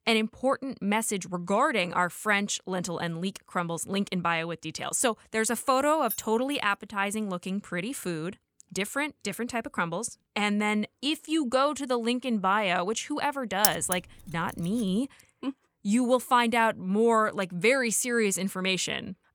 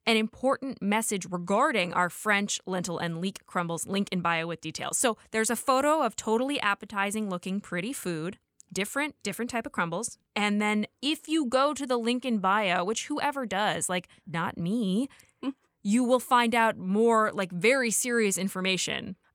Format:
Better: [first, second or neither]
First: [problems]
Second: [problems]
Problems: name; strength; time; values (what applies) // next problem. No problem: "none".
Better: second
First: jangling keys; noticeable; at 6 s; peak 8 dB below the speech // jangling keys; loud; at 14 s; peak 3 dB above the speech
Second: none